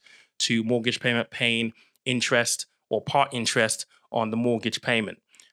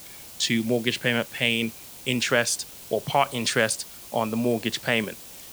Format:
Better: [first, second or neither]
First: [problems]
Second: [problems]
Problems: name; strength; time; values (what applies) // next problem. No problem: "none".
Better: first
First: none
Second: hiss; noticeable; throughout; 15 dB below the speech